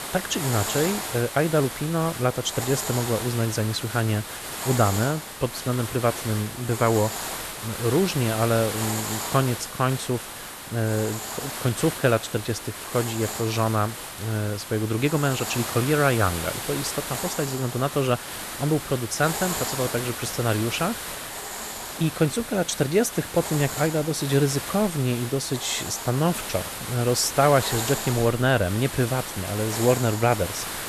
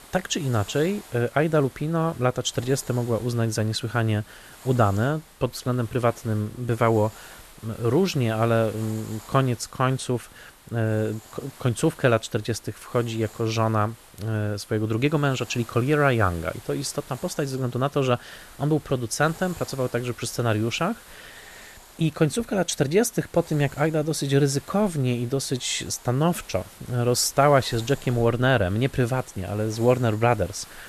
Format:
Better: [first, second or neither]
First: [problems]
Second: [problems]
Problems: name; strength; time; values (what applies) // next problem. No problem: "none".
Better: second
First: hiss; loud; throughout; 6 dB below the speech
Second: hiss; faint; throughout; 20 dB below the speech